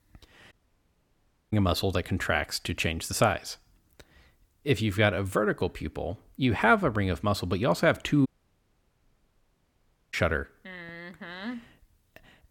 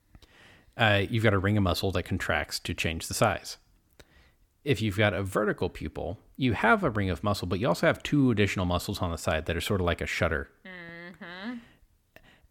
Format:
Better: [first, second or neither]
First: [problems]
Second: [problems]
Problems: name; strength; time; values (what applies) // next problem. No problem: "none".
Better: second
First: audio cutting out; at 0.5 s for 1 s and at 8.5 s for 2 s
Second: none